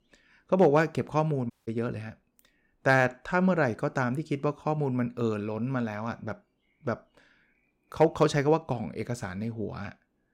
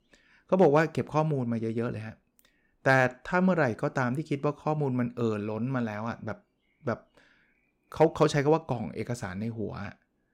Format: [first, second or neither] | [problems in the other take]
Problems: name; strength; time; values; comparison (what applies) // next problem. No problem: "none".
second | audio cutting out; at 1.5 s